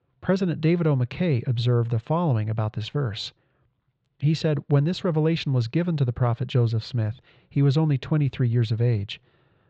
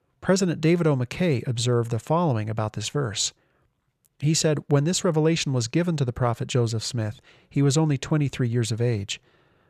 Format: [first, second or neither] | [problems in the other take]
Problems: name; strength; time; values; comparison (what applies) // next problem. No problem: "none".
second | muffled; slightly; fading above 4 kHz